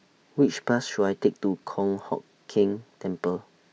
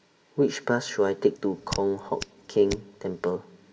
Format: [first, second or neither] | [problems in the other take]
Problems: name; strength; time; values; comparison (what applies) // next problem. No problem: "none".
first | background sound (Hands); 13 dB below the speech // room echo; dies away in 2.3 s